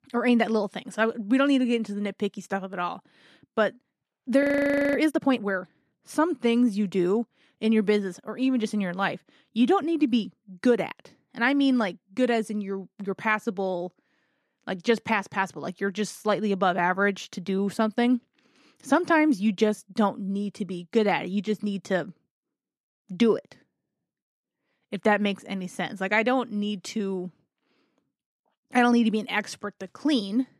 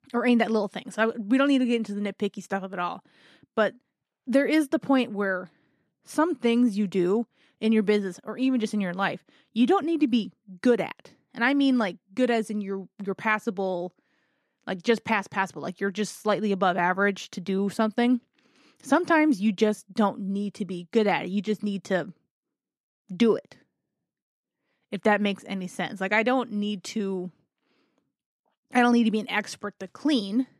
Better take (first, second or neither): second